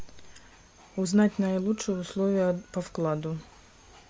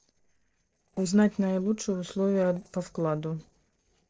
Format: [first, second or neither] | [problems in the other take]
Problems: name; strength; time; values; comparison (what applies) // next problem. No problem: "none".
first | noise reduction (neural separator model SepFormer DNS4)